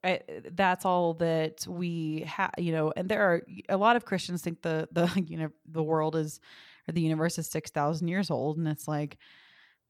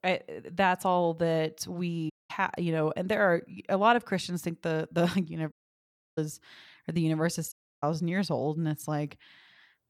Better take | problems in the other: first | audio cutting out; at 2 s, at 5.5 s for 0.5 s and at 7.5 s

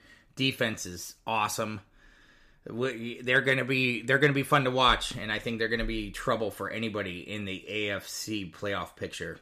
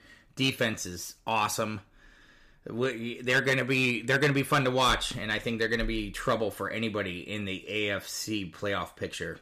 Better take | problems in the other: first | distortion; slight; 2% of the sound clipped

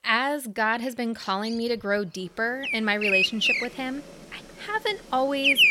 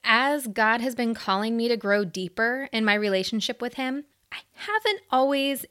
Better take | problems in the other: second | animal sounds; very loud; throughout; 4 dB above the speech

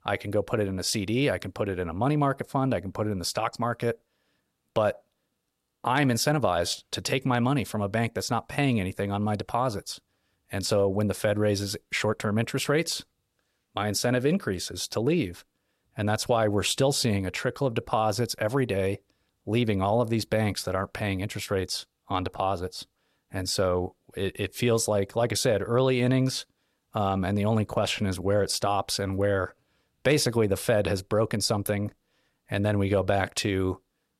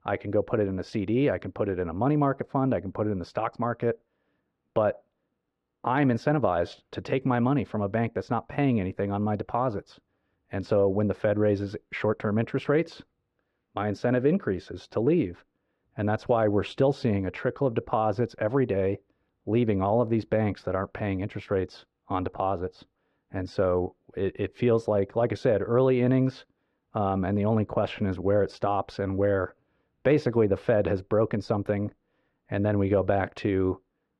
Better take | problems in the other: first | muffled; very; fading above 2 kHz

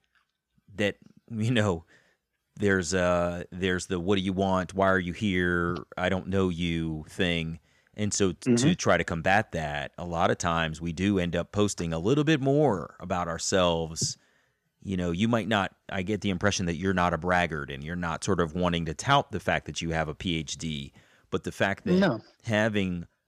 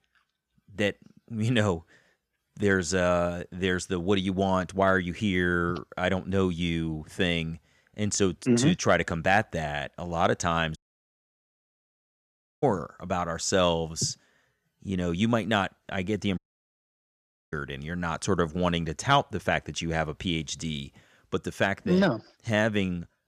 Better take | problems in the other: first | audio cutting out; at 11 s for 2 s and at 16 s for 1 s

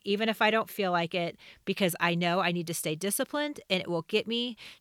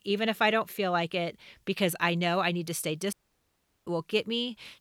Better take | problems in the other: first | audio cutting out; at 3 s for 0.5 s

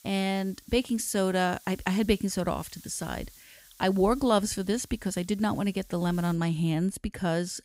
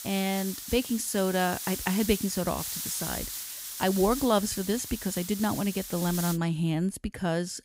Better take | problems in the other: first | hiss; loud; until 6.5 s; 6 dB below the speech; faint in the first

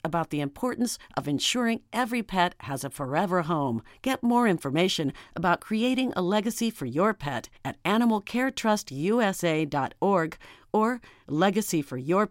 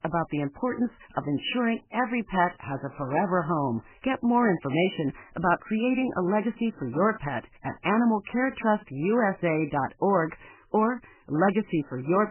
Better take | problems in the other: first | garbled, watery; badly; nothing above 3 kHz

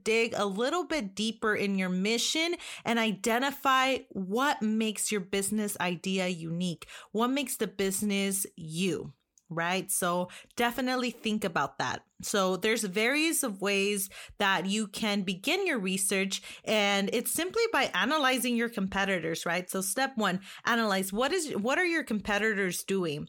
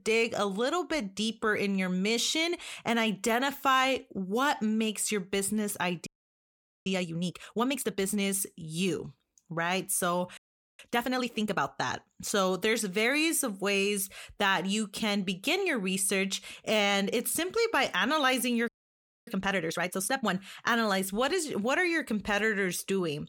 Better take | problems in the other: first | audio freezing; at 6 s for 1 s, at 10 s and at 19 s for 0.5 s

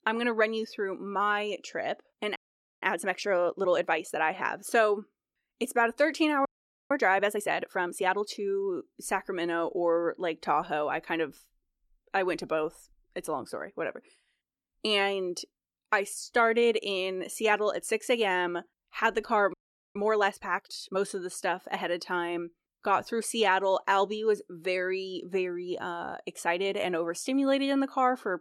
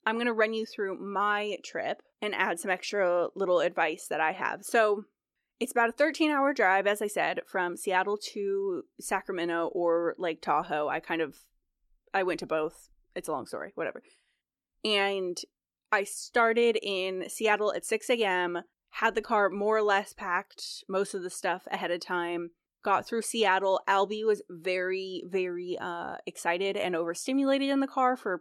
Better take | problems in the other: second | audio freezing; at 2.5 s, at 6.5 s and at 20 s

